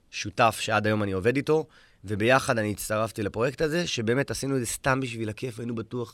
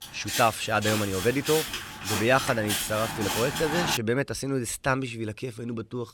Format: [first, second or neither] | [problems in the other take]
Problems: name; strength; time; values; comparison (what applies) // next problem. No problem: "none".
first | footsteps; noticeable; until 4 s; peak 1 dB below the speech